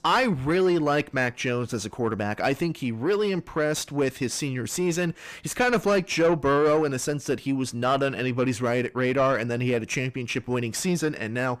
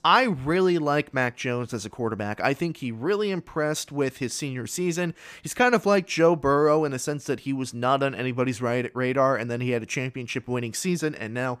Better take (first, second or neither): second